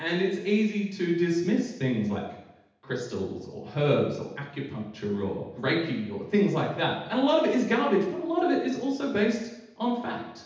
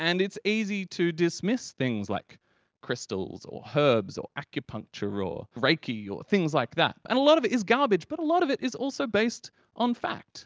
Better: second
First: room echo; dies away in 0.8 s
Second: none

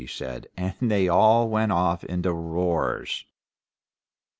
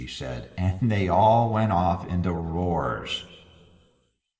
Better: first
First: none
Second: room echo; dies away in 2.4 s

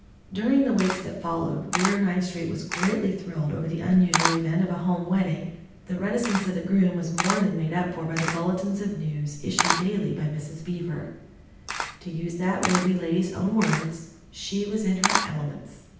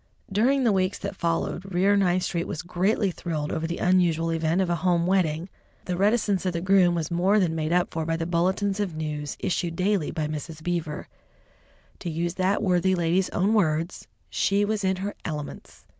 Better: second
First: background sound (Camera); 7 dB below the speech // room echo; dies away in 0.9 s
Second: none

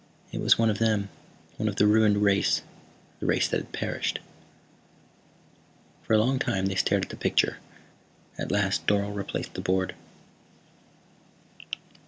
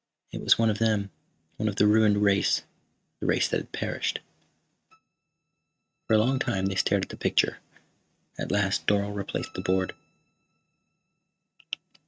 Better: first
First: none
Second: noise reduction (neural mask model RNNoise)

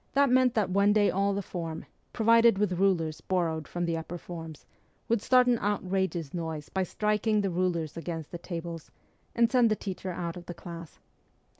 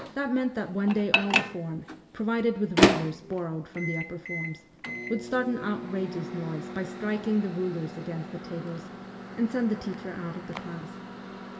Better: first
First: none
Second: background sound (Microwave oven); 2 dB below the speech // room echo; dies away in 1.4 s

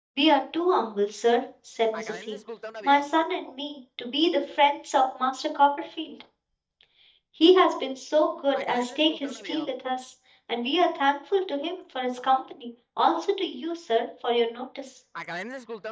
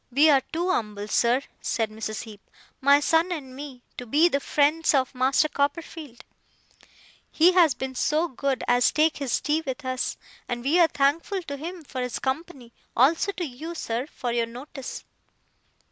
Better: second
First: noise reduction (neural mask model DeepFilterNet 3)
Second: none

